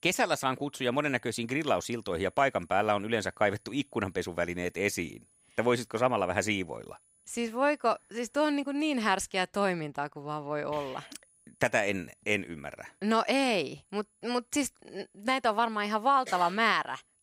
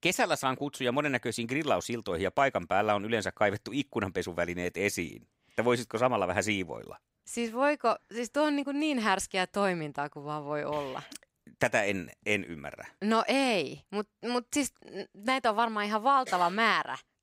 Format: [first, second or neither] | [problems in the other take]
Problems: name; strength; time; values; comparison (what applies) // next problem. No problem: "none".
second | high-pitched whine; faint; until 9 s and from 11 s on; 10 kHz, 35 dB below the speech